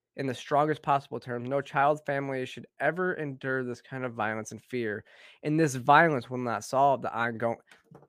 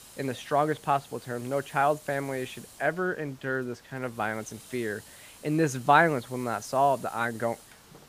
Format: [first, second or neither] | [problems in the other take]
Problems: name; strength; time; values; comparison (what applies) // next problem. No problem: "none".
first | hiss; faint; throughout; 20 dB below the speech